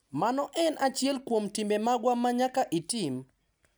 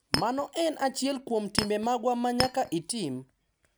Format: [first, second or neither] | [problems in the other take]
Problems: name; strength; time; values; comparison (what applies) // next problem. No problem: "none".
first | background sound (Chink, clink); 4 dB below the speech